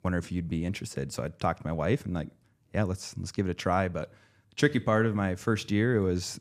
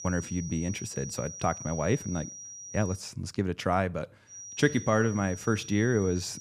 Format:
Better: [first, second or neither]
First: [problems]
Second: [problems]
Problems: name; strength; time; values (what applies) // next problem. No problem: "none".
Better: first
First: none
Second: high-pitched whine; noticeable; until 3 s and from 4.5 s on; 6 kHz, 10 dB below the speech